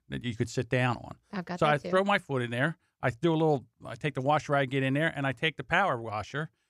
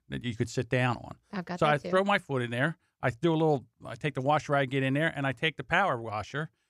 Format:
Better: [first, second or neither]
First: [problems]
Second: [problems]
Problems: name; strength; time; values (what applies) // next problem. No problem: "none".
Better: neither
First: none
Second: none